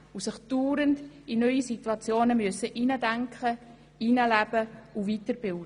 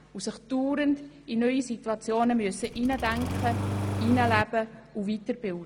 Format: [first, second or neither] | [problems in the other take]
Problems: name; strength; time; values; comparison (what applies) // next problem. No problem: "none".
first | background sound (Engine starting); 3 dB below the speech